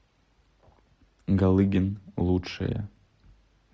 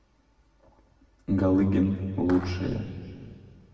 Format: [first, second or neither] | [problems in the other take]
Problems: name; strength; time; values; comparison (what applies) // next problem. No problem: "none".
first | background sound (Clapping); 17 dB below the speech // room echo; dies away in 1.9 s